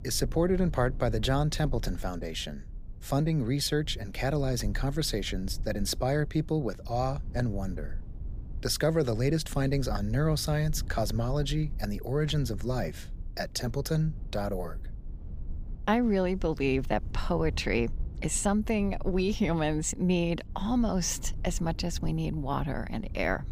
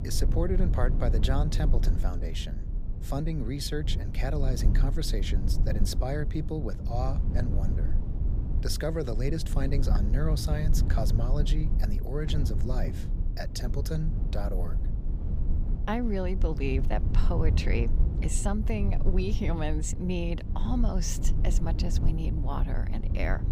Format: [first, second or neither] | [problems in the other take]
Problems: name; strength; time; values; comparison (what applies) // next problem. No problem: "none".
first | low rumble; loud; throughout; 9 dB below the speech; faint in the first